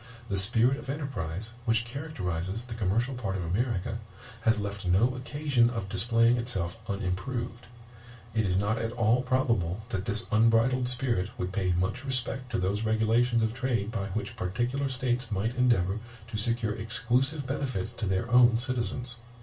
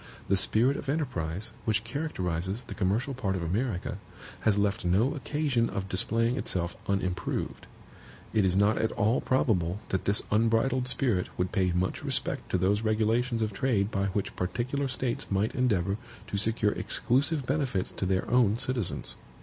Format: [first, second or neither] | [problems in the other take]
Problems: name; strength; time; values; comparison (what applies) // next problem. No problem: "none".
second | room echo; dies away in 0.2 s